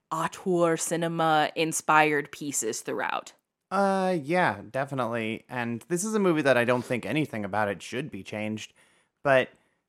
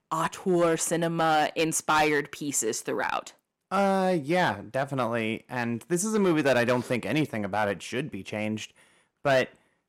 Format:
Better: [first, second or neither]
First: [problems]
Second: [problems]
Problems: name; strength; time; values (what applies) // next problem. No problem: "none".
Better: first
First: none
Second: distortion; slight; 4% of the sound clipped